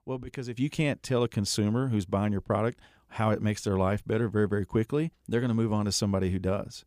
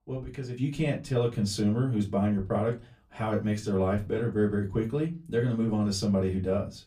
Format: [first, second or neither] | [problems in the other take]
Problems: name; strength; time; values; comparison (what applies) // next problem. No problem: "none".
first | off-mic speech; far // room echo; very slight; dies away in 0.2 s